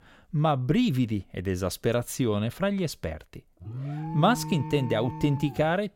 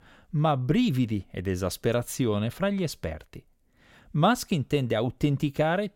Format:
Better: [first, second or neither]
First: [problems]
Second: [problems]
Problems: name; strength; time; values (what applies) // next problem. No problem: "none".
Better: second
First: alarm; noticeable; from 3.5 s on; peak 7 dB below the speech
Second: none